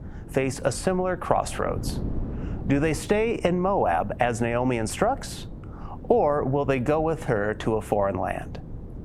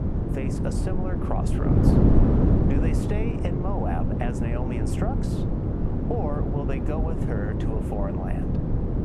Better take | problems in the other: first | wind noise on the microphone; heavy; 2 dB above the speech; occasional gusts in the first

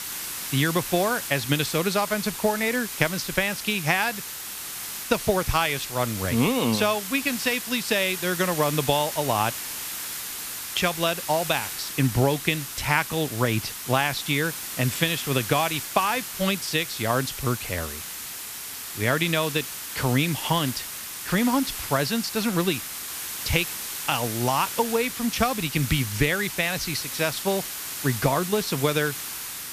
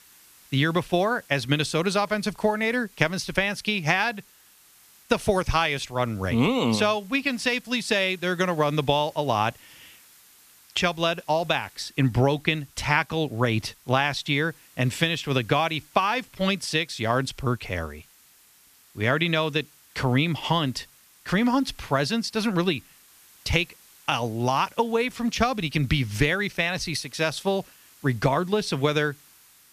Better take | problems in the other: second | hiss; loud; throughout; 6 dB below the speech; faint in the second

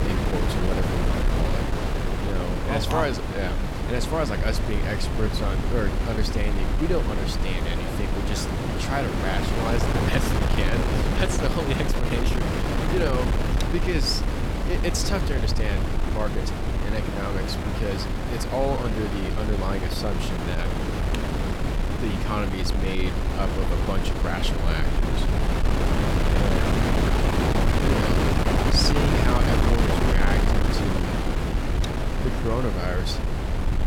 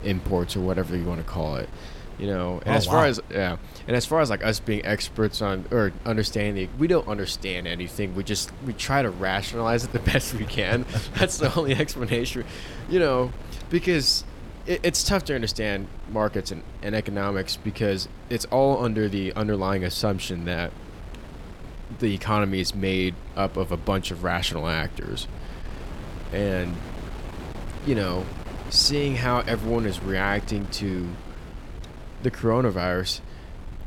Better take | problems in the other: second | wind noise on the microphone; heavy; 1 dB above the speech; occasional gusts in the second

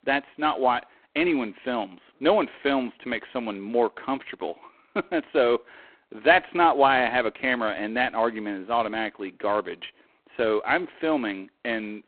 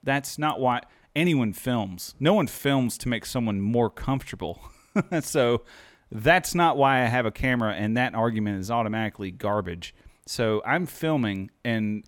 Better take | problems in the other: second | phone-call audio; poor line

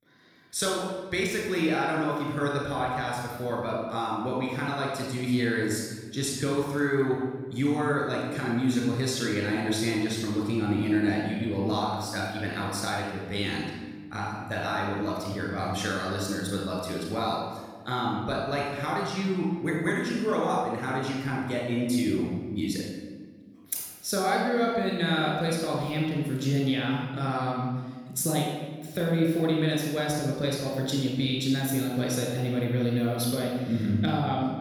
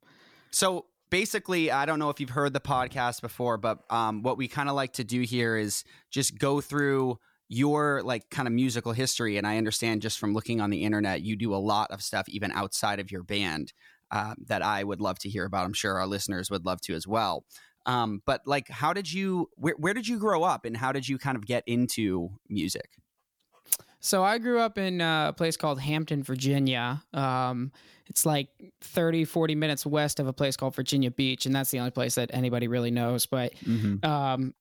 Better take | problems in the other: second | off-mic speech; far // room echo; strong; dies away in 1.2 s

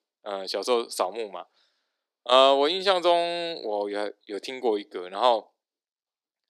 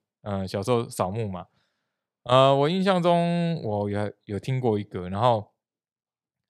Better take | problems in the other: second | thin; very; fading below 300 Hz

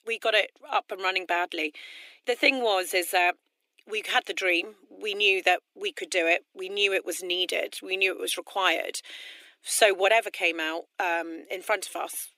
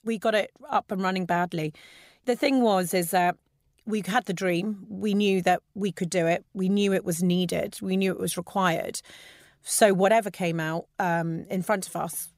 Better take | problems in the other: second | thin; very; fading below 300 Hz

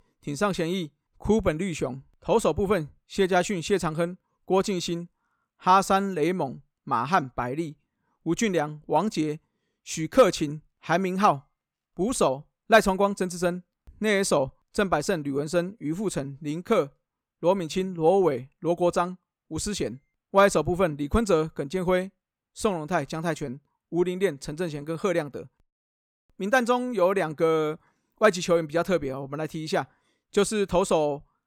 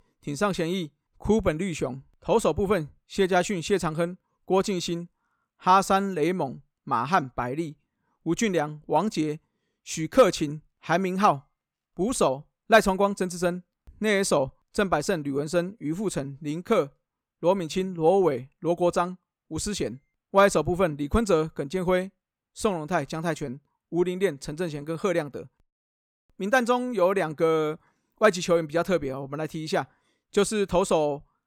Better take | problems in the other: neither | none

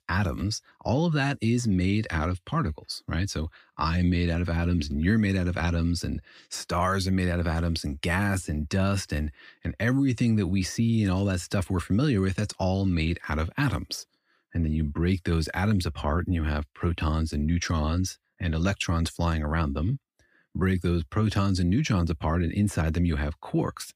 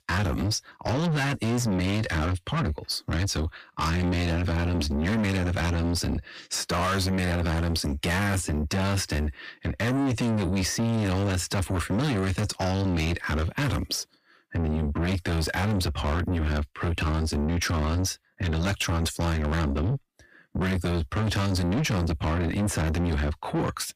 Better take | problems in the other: first | distortion; heavy; 6 dB below the speech

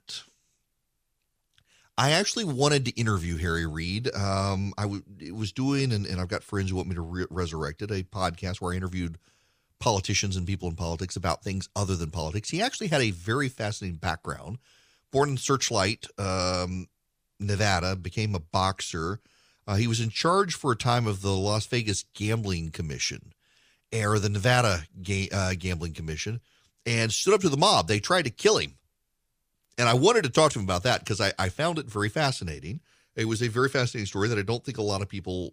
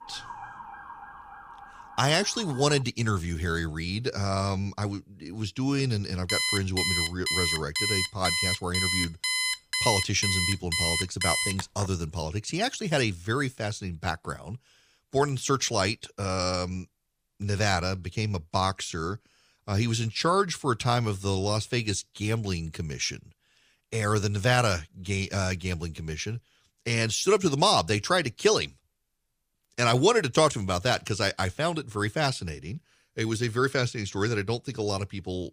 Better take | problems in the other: first | siren; faint; until 3 s; peak 15 dB below the speech // alarm; loud; from 6.5 to 12 s; peak 2 dB above the speech

